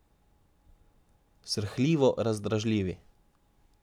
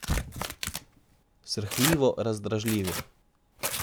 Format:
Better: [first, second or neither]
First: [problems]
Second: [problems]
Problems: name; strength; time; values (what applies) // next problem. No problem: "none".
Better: first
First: none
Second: background sound (Tearing); 3 dB below the speech